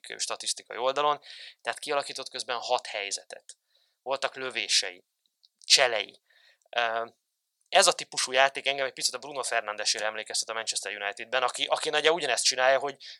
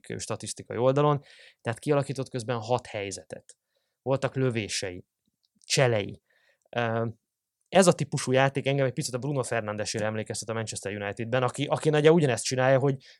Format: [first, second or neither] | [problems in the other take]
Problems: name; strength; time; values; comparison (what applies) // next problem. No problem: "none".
second | thin; very; fading below 850 Hz